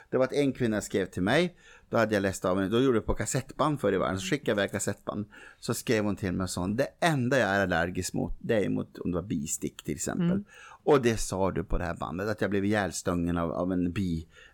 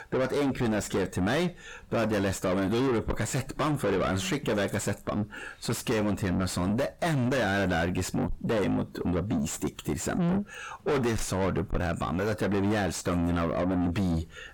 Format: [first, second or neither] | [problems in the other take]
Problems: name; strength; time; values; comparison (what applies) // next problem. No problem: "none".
first | distortion; heavy; 5 dB below the speech